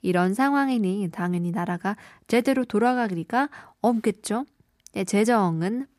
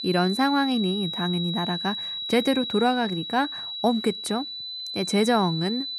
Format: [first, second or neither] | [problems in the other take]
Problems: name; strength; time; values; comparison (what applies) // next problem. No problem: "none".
first | high-pitched whine; loud; throughout; 4 kHz, 5 dB below the speech